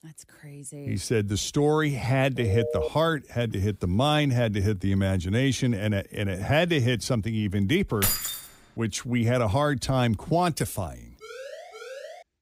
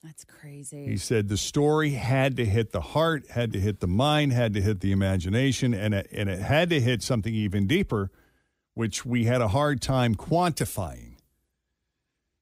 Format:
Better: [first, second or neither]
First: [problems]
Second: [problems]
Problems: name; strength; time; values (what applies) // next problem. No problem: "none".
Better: second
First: phone ringing; noticeable; at 2.5 s; peak 4 dB below the speech // jangling keys; loud; at 8 s; peak 1 dB above the speech // siren; faint; from 11 s on; peak 15 dB below the speech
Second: none